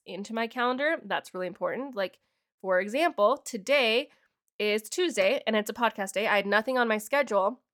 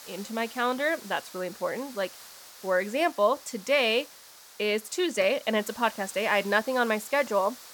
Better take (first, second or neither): first